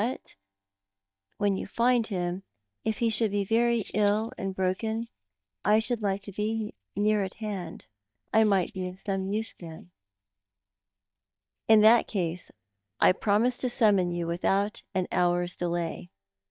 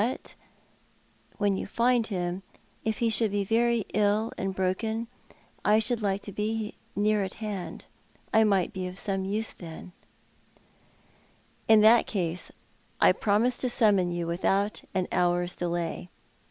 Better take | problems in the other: second | noise reduction (neural mask model DeepFilterNet 3)

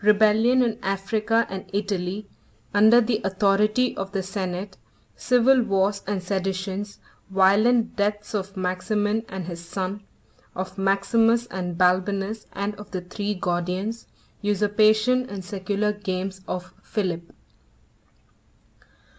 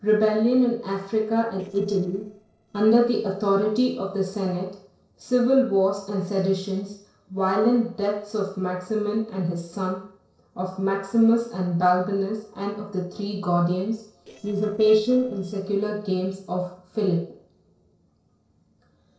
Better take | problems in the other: first | noise reduction (neural separator model SepFormer DNS4)

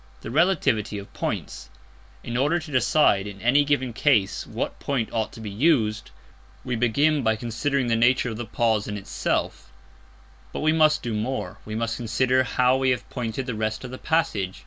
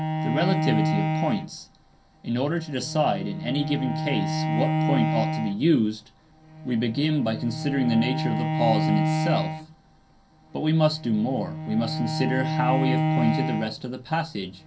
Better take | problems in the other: first | background sound (Bowed string instrument); 1 dB below the speech // room echo; dies away in 0.3 s

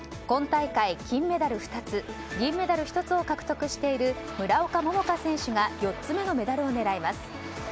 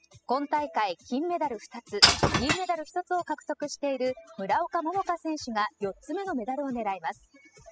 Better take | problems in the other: first | noise reduction (classical method spectral subtraction)

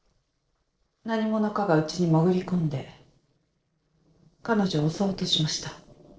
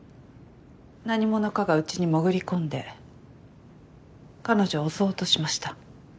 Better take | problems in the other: second | noise reduction (neural separator model SepFormer DNS4)

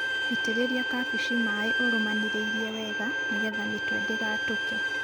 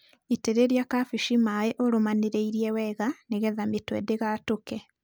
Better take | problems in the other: second | background sound (Bowed string instrument); 4 dB above the speech

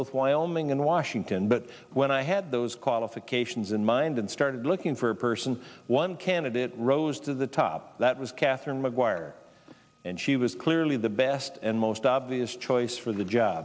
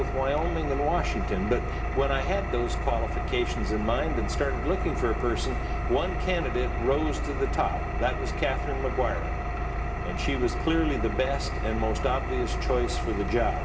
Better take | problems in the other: first | background sound (Engine); as loud as the speech // room echo; dies away in 0.8 s

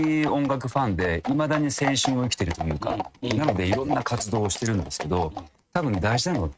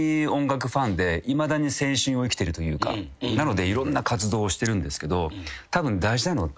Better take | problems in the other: second | noise reduction (neural mask model RNNoise)

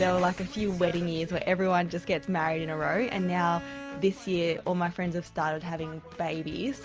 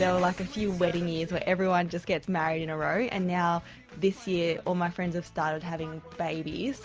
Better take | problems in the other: second | background sound (Bowed string instrument); 19 dB below the speech

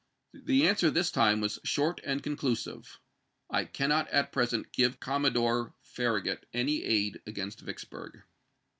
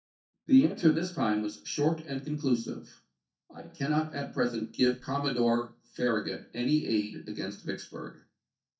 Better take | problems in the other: first | noise reduction (neural mask model DeepFilterNet 3)

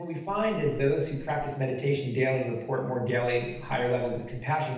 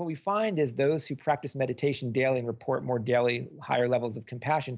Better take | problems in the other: second | background sound (Water / Splash, splatter); 16 dB below the speech // room echo; dies away in 0.9 s

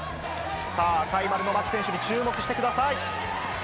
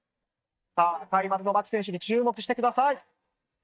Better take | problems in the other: first | noise reduction (neural mask model DeepFilterNet 3)

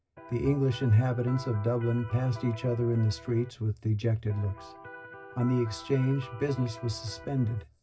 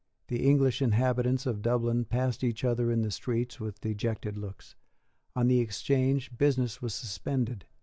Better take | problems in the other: second | background sound (Electric guitar); 16 dB below the speech // room echo; dies away in 0.4 s

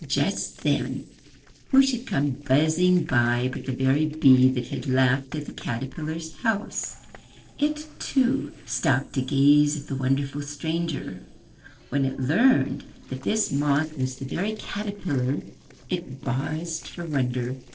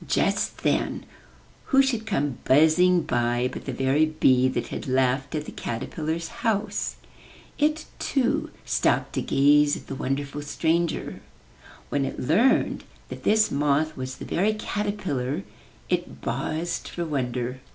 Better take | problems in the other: second | noise reduction (neural separator model SepFormer DNS4)

